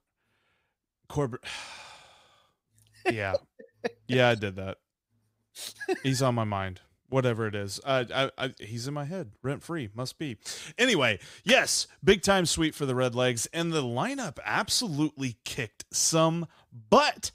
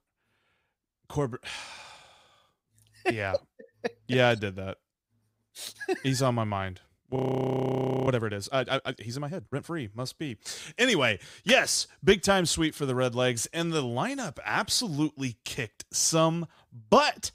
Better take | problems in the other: first | audio freezing; at 7 s for 1 s

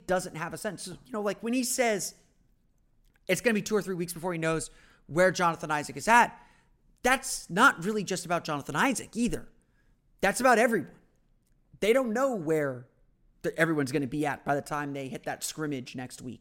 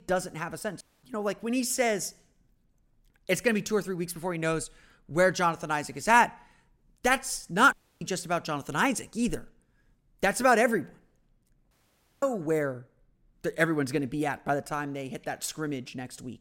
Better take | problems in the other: first | audio cutting out; at 1 s, at 7.5 s and at 12 s for 0.5 s

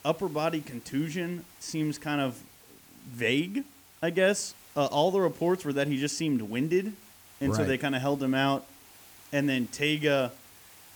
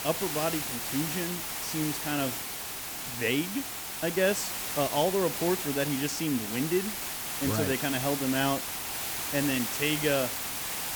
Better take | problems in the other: first | hiss; loud; throughout; 2 dB below the speech; faint in the first

